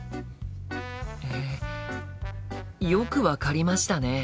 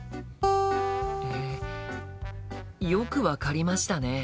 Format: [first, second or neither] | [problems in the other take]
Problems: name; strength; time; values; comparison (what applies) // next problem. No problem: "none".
first | background sound (Acoustic guitar); 1 dB below the speech